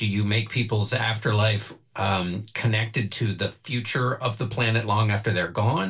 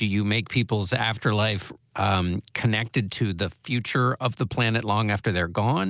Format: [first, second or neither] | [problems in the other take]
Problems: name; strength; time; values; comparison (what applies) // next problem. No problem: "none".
second | room echo; dies away in 0.2 s